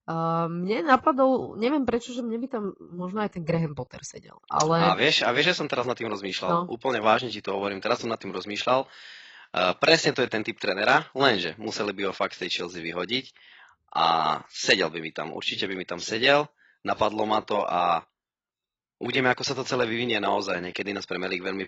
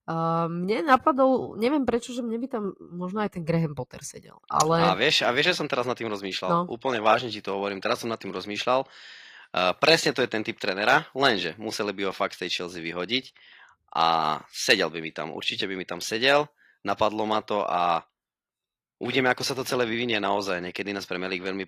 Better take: second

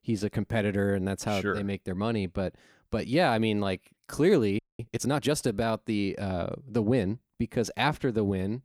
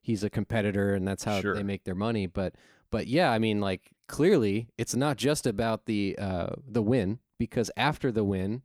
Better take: second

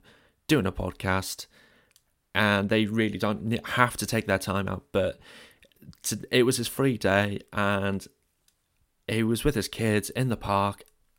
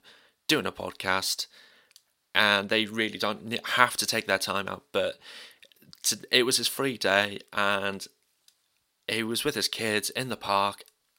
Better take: first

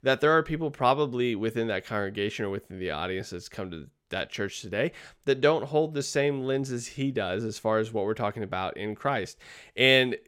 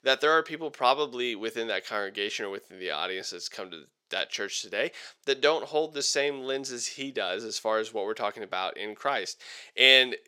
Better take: first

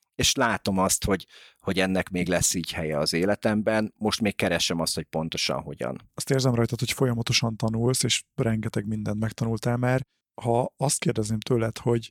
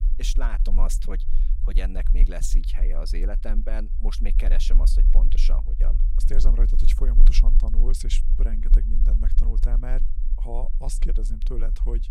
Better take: first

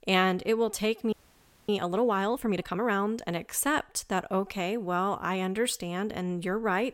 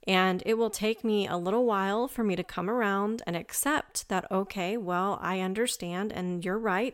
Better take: second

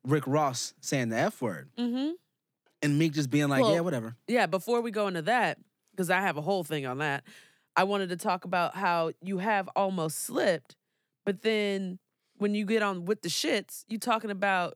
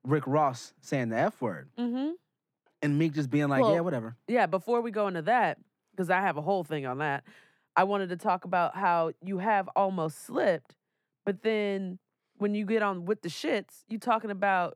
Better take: first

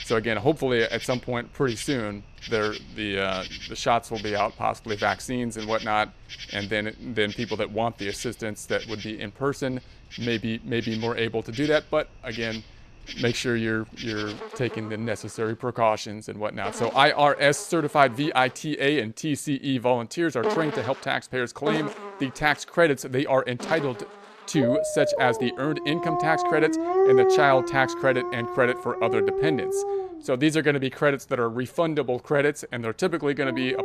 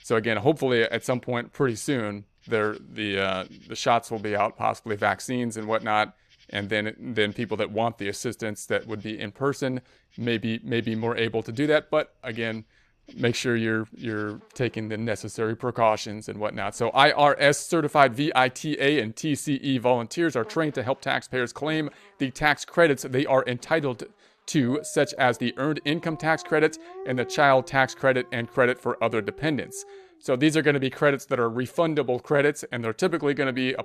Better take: second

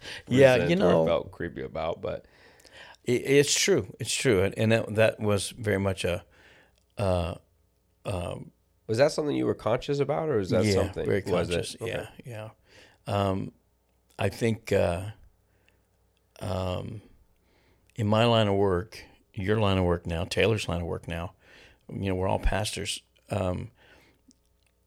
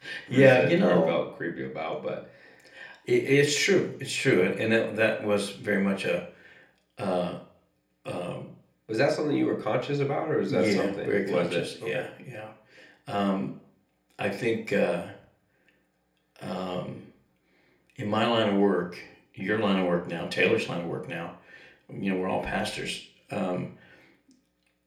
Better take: first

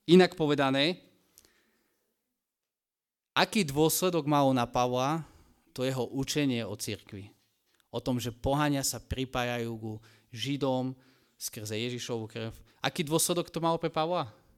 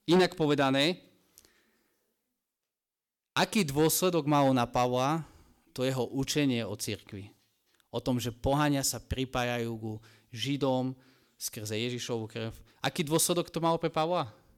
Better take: first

